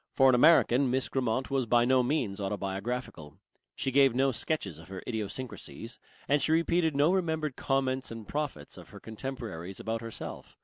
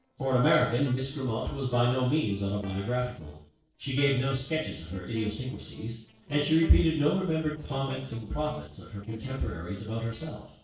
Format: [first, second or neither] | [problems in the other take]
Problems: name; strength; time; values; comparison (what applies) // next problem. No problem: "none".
first | noise reduction (neural separator model SepFormer DNS4)